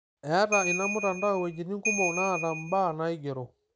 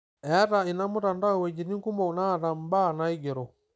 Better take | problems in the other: second | background sound (Ringtone / Bell); 3 dB below the speech

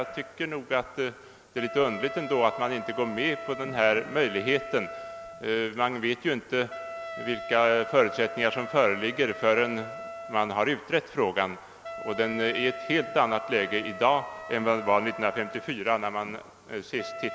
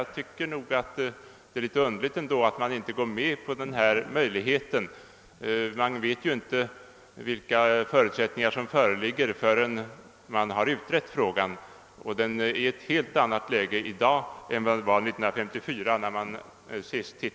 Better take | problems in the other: second | background sound (Wind instrument, woodwind instrument); 12 dB below the speech

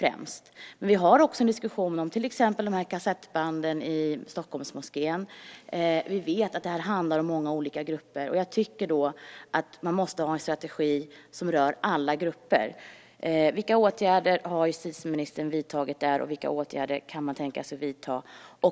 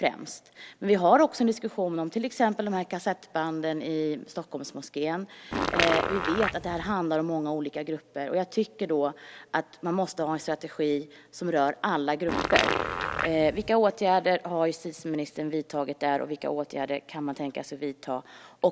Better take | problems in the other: first | background sound (Fart); 1 dB below the speech

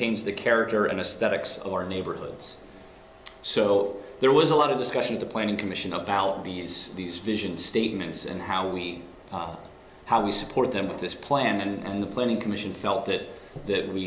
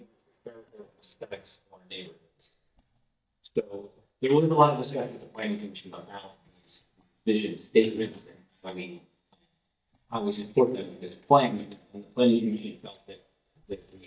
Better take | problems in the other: first | noise reduction (neural mask model DeepFilterNet 3)

